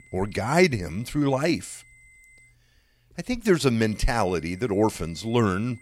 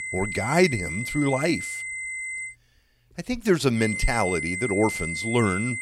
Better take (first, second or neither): first